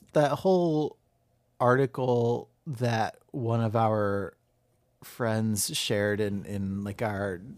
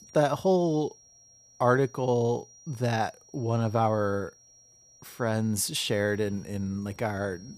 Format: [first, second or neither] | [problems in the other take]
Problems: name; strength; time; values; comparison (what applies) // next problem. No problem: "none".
first | high-pitched whine; faint; throughout; 5.5 kHz, 25 dB below the speech